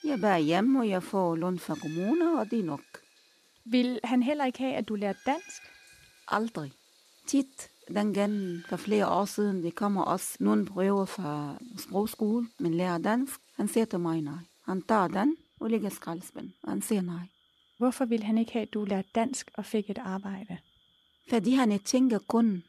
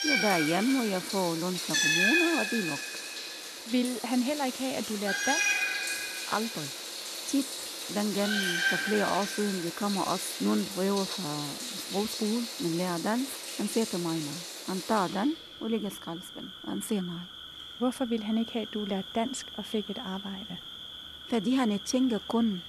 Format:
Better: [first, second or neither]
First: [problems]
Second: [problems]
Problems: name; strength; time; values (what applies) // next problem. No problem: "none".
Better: first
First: animal sounds; faint; throughout; 25 dB below the speech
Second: animal sounds; loud; throughout; 1 dB below the speech